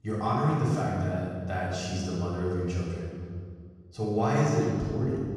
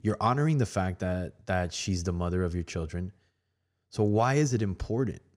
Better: second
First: room echo; strong; dies away in 1.7 s // off-mic speech; far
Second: none

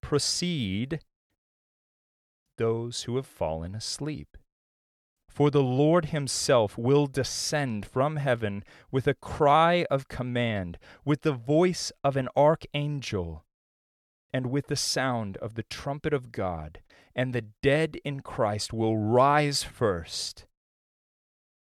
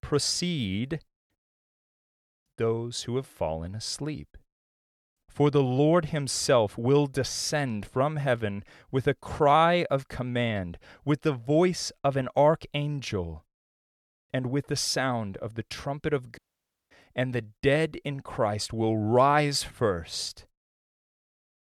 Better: first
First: none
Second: audio cutting out; at 16 s for 0.5 s

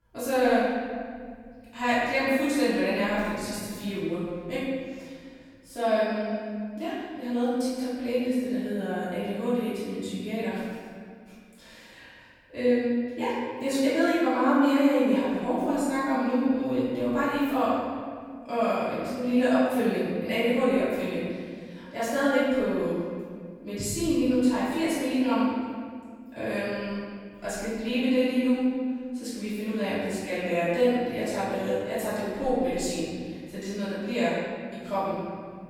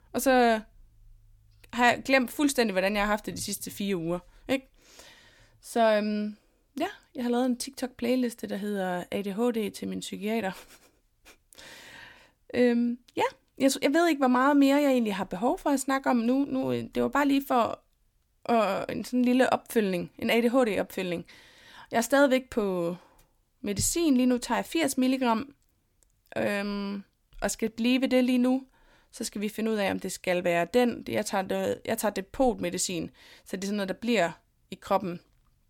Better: second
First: off-mic speech; far // room echo; strong; dies away in 1.9 s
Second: none

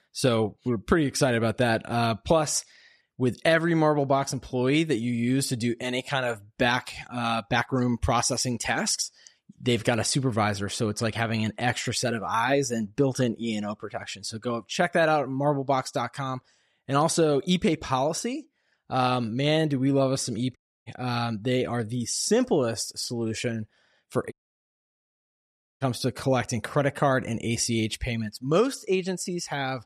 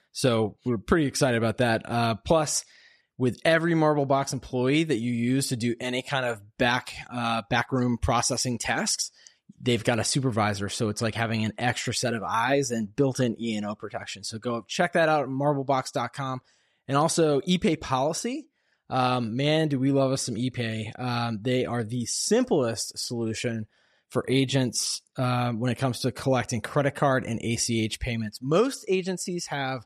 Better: second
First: audio cutting out; at 21 s and at 24 s for 1.5 s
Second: none

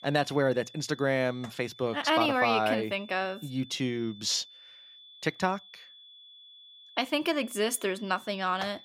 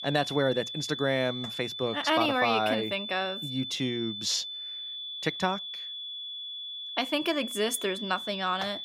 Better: first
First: high-pitched whine; faint; throughout; 3.5 kHz, 20 dB below the speech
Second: high-pitched whine; loud; throughout; 3.5 kHz, 6 dB below the speech

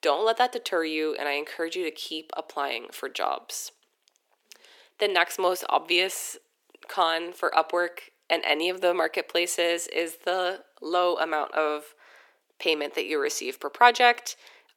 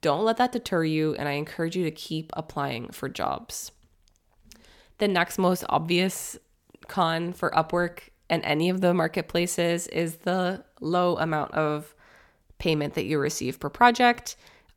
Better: second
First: thin; very; fading below 350 Hz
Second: none

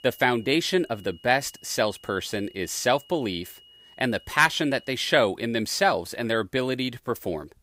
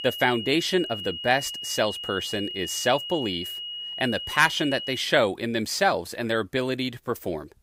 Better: first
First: high-pitched whine; faint; until 5 s; 3 kHz, 25 dB below the speech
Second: high-pitched whine; loud; until 5 s; 3 kHz, 7 dB below the speech

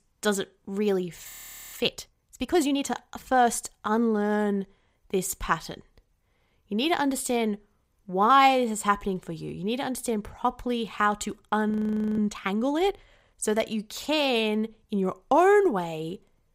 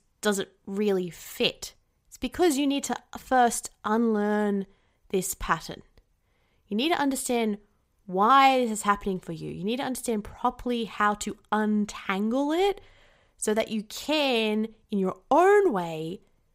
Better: second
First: audio freezing; at 1.5 s and at 12 s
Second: none

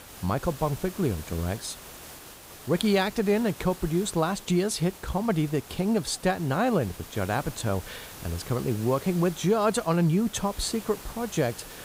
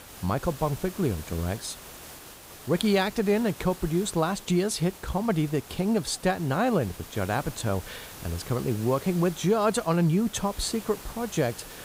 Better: neither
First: hiss; noticeable; throughout; 15 dB below the speech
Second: hiss; noticeable; throughout; 15 dB below the speech

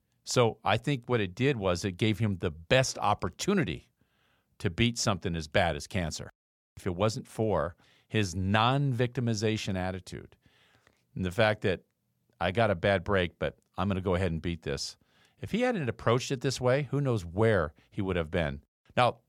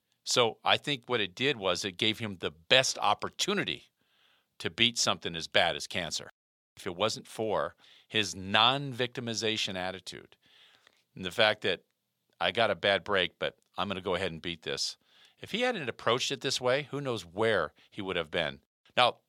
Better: first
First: none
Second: thin; somewhat; fading below 500 Hz

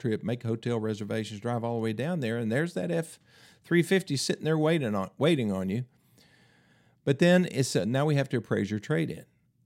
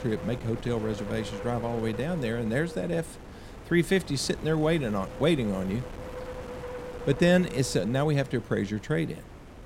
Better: first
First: none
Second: wind noise on the microphone; occasional gusts; 10 dB below the speech

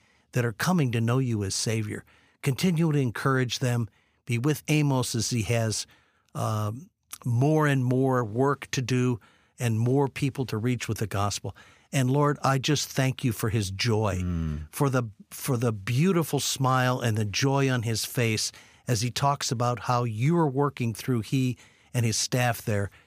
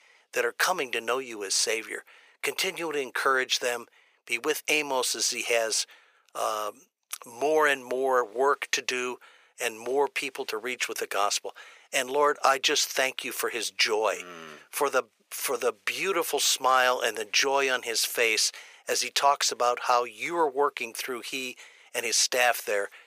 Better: first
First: none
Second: thin; very; fading below 450 Hz

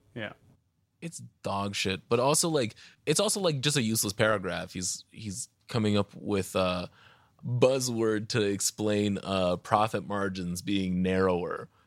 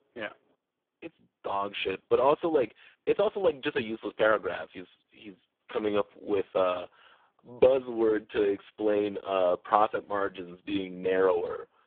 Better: first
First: none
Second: phone-call audio; poor line

